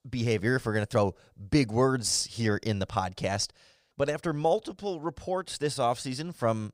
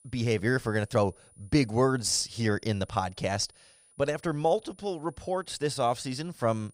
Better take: first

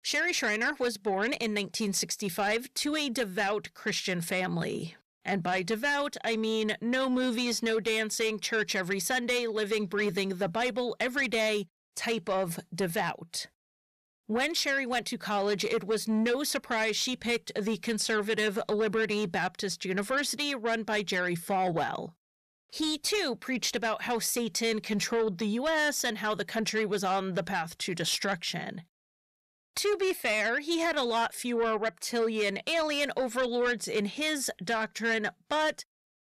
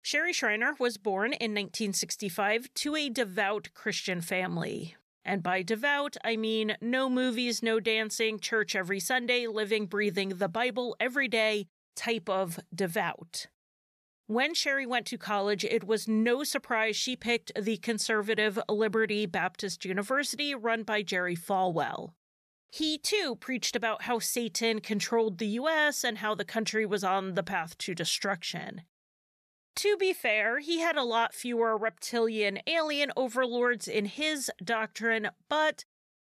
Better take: second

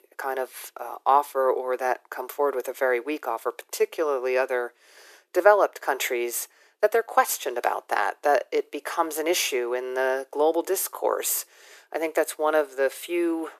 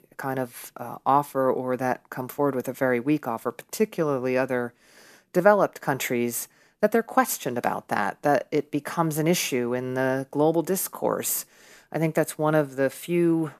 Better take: second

